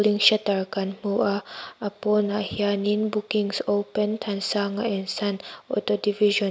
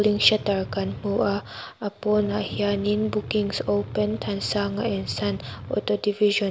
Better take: first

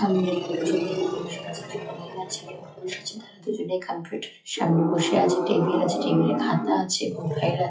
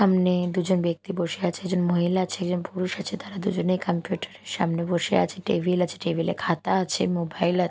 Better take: second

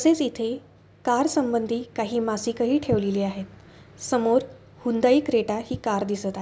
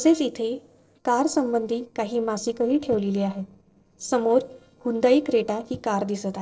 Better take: first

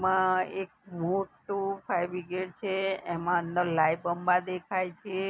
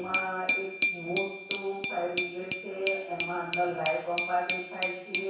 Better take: first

